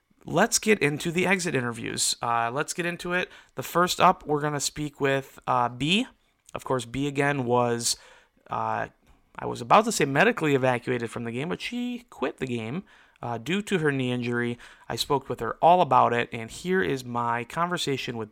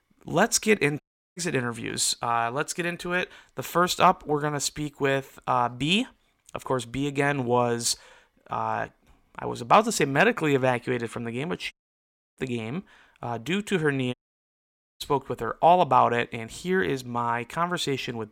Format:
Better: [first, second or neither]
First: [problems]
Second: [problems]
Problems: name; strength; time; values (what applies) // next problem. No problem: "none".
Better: first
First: none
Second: audio cutting out; at 1 s, at 12 s for 0.5 s and at 14 s for 1 s